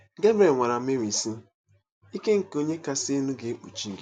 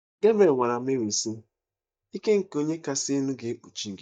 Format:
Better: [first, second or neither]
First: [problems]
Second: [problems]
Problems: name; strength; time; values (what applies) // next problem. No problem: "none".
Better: first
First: none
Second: noise reduction (neural mask model DeepFilterNet 3)